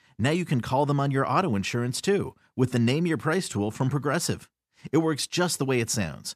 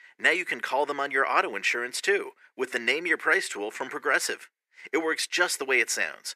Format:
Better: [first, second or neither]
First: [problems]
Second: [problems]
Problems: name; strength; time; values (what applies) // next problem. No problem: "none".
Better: first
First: none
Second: thin; very; fading below 400 Hz